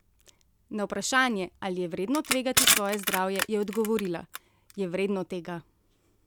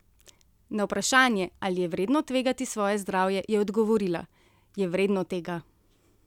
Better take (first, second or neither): second